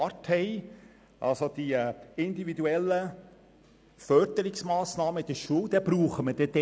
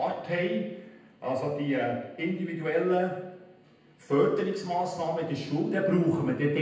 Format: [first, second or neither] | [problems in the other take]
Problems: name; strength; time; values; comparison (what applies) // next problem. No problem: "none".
first | room echo; dies away in 0.9 s